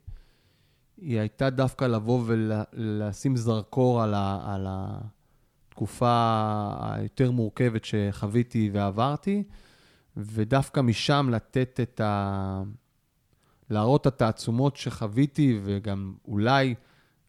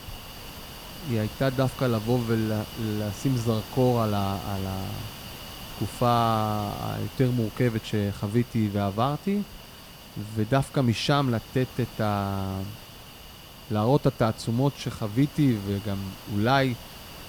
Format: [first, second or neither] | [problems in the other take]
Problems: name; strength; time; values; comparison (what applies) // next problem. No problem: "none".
first | hiss; noticeable; throughout; 15 dB below the speech